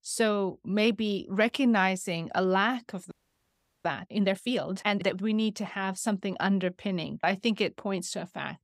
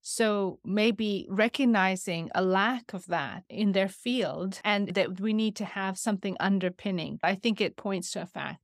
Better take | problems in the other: second | audio freezing; at 3 s for 0.5 s

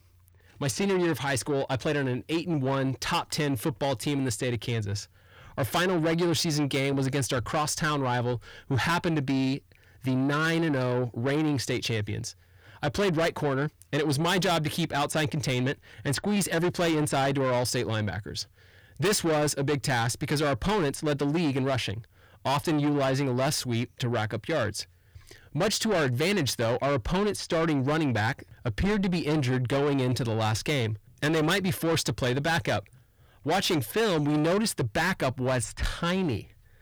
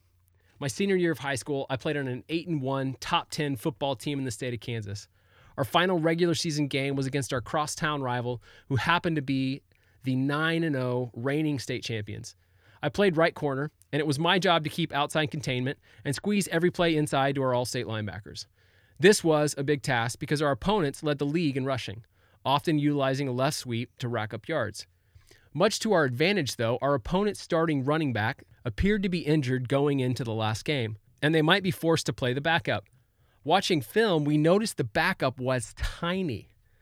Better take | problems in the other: second | distortion; heavy; 7 dB below the speech

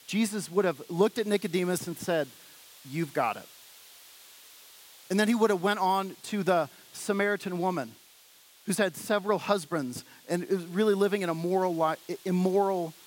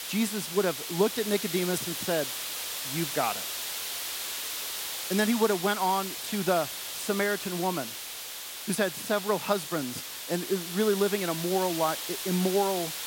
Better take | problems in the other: first | hiss; loud; throughout; 4 dB below the speech; faint in the first

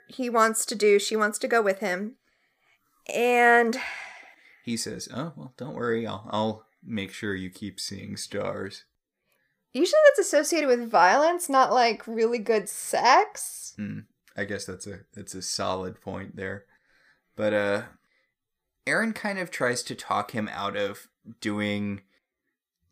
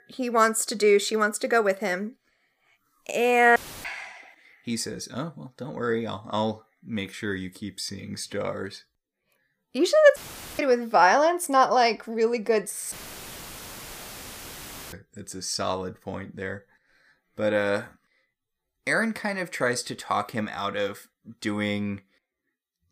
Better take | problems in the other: first | audio cutting out; filled with static; at 3.5 s, at 10 s and at 13 s for 2 s

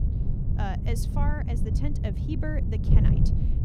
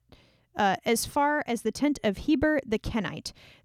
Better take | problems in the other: second | wind noise on the microphone; heavy; 2 dB below the speech

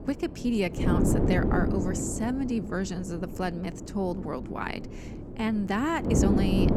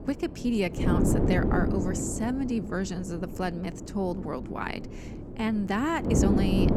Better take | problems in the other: neither | wind noise on the microphone; heavy; 2 dB below the speech; the same in both

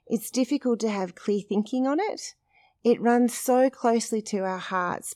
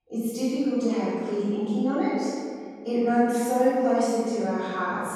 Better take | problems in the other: first | room echo; strong; dies away in 2 s // off-mic speech; far

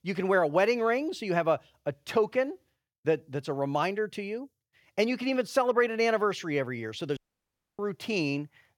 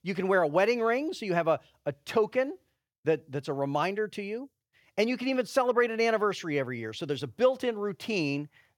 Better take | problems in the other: second | audio cutting out; at 7 s for 0.5 s

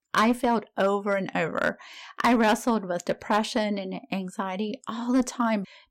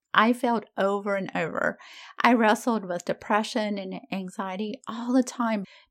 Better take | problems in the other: second | distortion; slight; 3% of the sound clipped

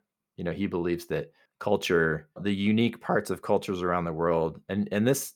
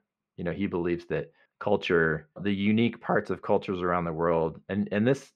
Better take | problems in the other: first | muffled; slightly; fading above 2.5 kHz

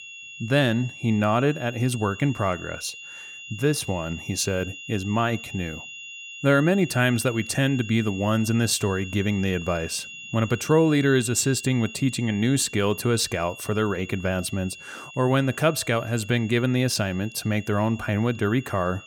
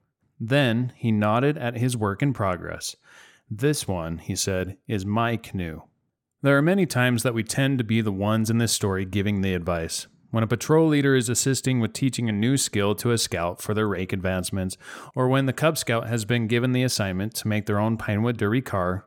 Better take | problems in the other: second | high-pitched whine; noticeable; throughout; 3 kHz, 15 dB below the speech

